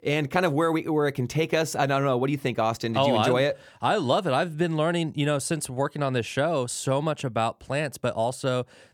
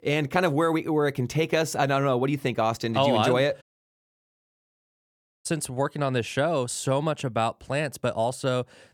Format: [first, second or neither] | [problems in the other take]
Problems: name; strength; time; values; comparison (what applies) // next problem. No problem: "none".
first | audio cutting out; at 3.5 s for 2 s